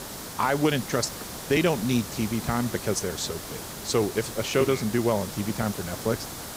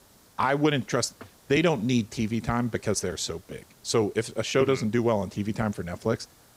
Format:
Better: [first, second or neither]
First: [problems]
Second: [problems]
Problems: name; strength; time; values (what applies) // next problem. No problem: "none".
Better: second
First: hiss; loud; throughout; 9 dB below the speech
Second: hiss; faint; throughout; 30 dB below the speech